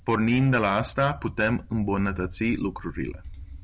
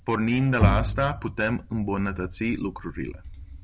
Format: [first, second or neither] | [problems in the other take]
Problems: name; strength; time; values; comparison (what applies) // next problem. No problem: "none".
first | background sound (Bowed string instrument); 1 dB above the speech